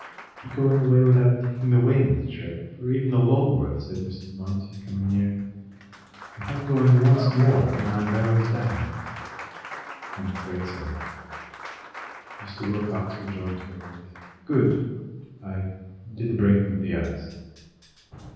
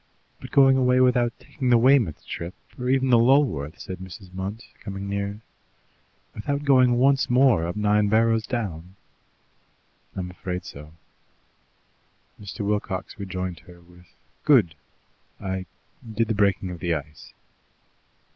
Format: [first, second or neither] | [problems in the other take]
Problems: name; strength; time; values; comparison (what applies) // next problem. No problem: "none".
second | background sound (Applause); 17 dB below the speech // room echo; dies away in 1.3 s